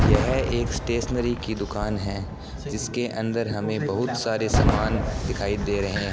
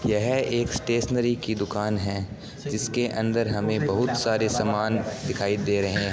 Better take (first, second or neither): second